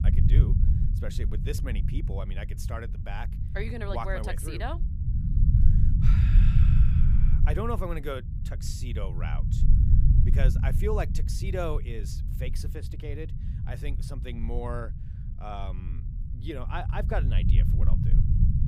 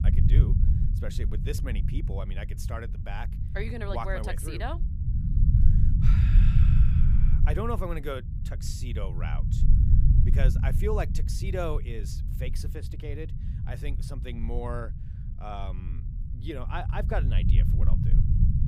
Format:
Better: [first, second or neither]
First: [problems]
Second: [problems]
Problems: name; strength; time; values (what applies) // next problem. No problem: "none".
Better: neither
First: low rumble; loud; throughout; 5 dB below the speech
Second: low rumble; loud; throughout; 5 dB below the speech